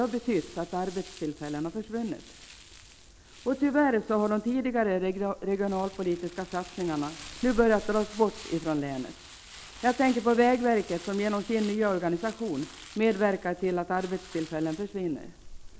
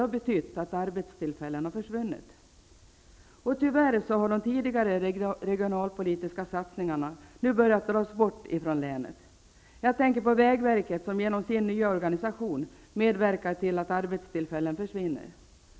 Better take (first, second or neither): second